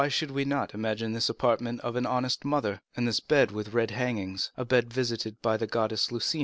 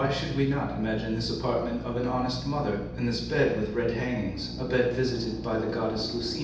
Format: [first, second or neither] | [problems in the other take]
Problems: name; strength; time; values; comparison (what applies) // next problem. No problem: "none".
first | background sound (Drill); 9 dB below the speech // room echo; dies away in 0.8 s